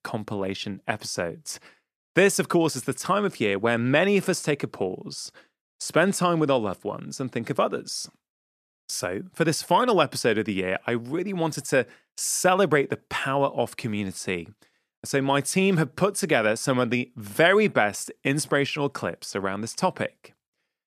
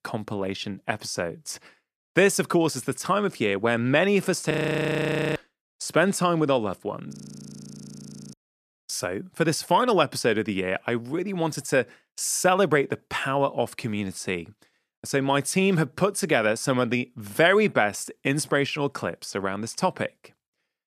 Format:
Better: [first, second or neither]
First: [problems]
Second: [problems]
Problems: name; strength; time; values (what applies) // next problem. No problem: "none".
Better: first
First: none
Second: audio freezing; at 4.5 s for 1 s and at 7 s for 1 s